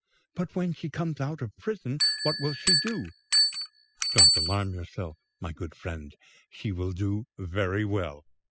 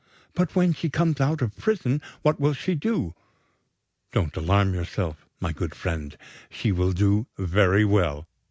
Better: second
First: noise reduction (classical method spectral subtraction)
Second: none

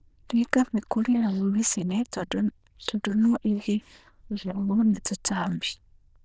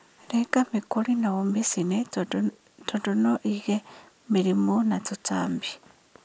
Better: second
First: noise reduction (neural diffusion model UNIVERSE++)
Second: none

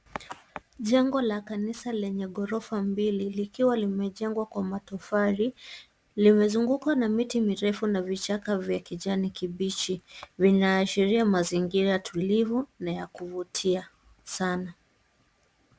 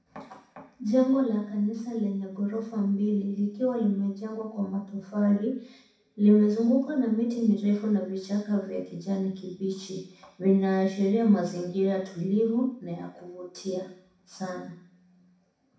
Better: first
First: none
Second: room echo; dies away in 0.6 s

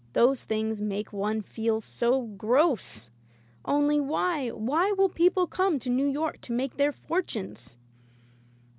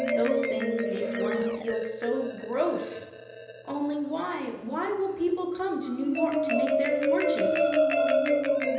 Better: first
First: none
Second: background sound (Marimba, xylophone); 3 dB above the speech // room echo; dies away in 0.9 s

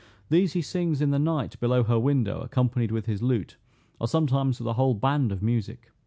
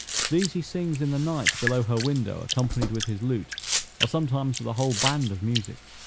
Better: first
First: none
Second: background sound (Drip + Domestic sounds, home sounds); 5 dB below the speech

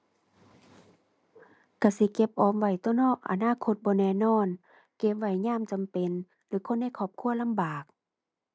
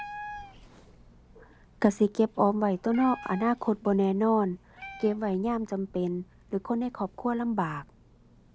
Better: first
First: none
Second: background sound (Meow); 19 dB below the speech

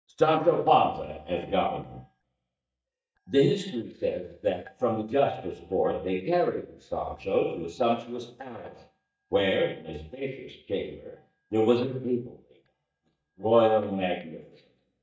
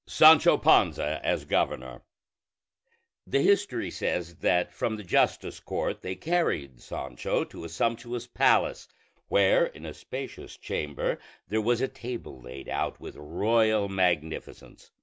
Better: second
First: noise reduction (neural mask model DeepFilterNet 3)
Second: none

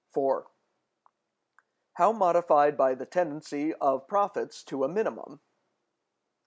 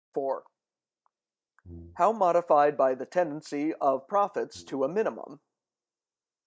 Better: first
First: none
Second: noise reduction (neural mask model DeepFilterNet 3)

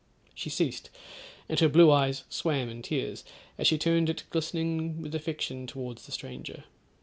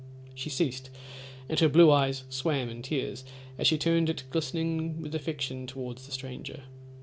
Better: first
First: none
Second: background sound (Organ); 16 dB below the speech

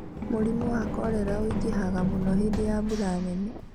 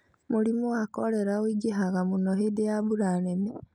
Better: second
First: background sound (Run); 2 dB below the speech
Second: none

